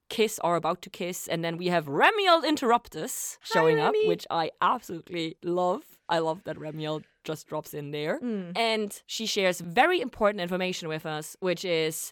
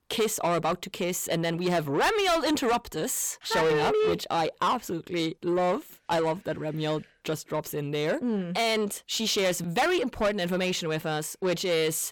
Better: first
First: none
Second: distortion; heavy; 7 dB below the speech

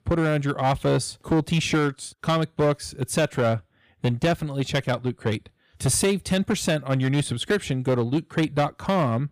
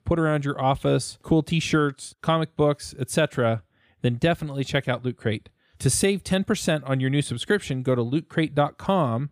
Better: second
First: distortion; slight; 8% of the sound clipped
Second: none

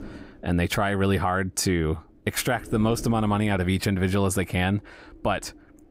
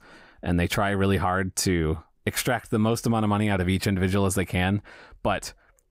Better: second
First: wind noise on the microphone; occasional gusts; 20 dB below the speech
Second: none

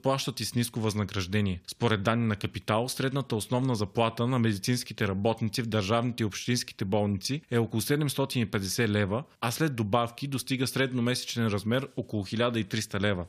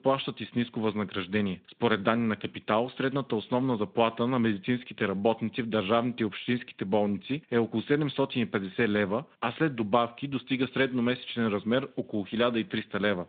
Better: first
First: none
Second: phone-call audio; nothing above 3.5 kHz

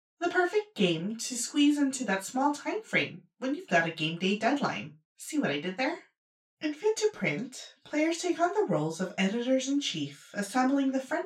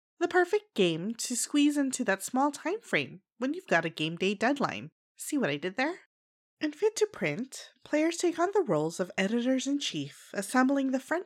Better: second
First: room echo; slight; dies away in 0.2 s // off-mic speech; far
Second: none

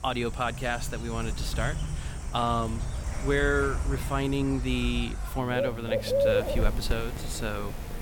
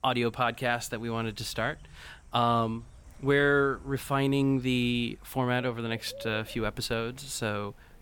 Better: second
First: animal sounds; loud; throughout; 2 dB below the speech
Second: animal sounds; faint; throughout; 20 dB below the speech

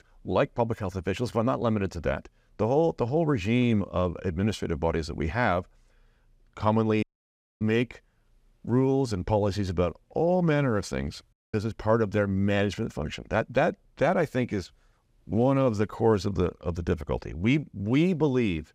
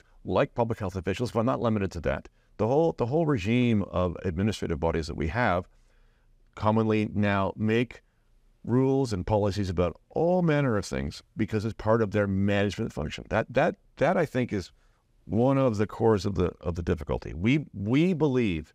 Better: second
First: audio cutting out; at 7 s for 0.5 s and at 11 s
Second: none

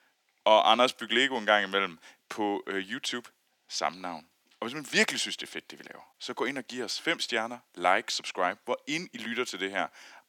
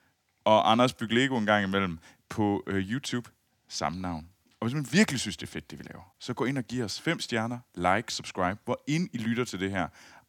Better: second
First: thin; somewhat; fading below 400 Hz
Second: none

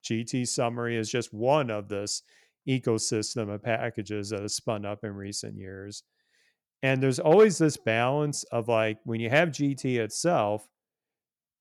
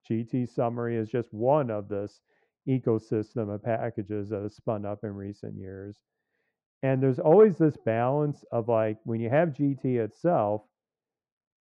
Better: first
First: none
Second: muffled; very; fading above 3 kHz

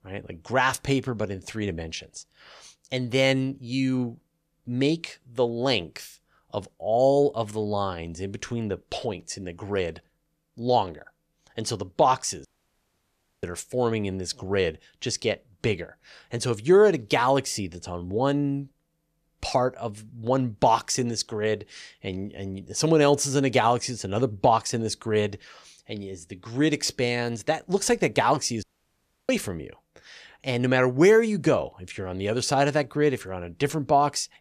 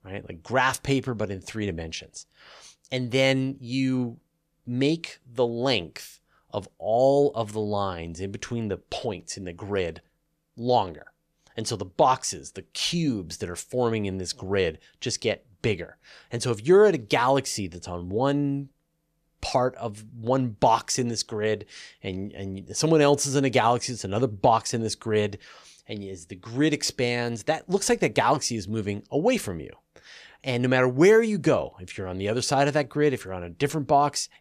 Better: second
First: audio cutting out; at 12 s for 1 s and at 29 s for 0.5 s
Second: none

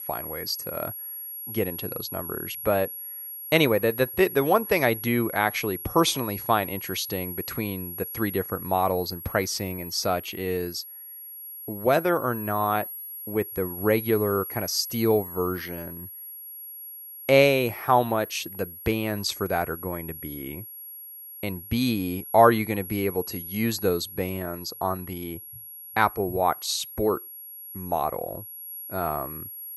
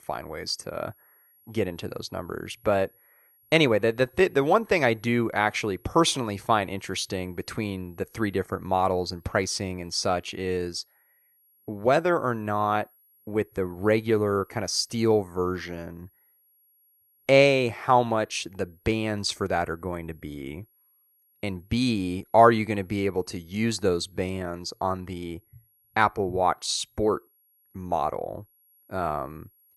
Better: second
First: high-pitched whine; loud; throughout; 11.5 kHz, 10 dB below the speech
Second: high-pitched whine; faint; throughout; 11.5 kHz, 35 dB below the speech

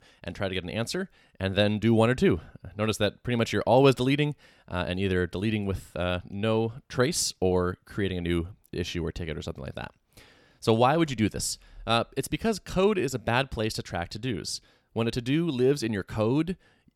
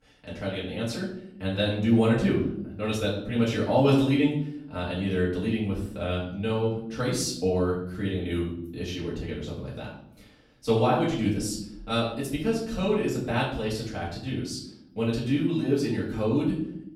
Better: first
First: none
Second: off-mic speech; far // room echo; noticeable; dies away in 0.7 s

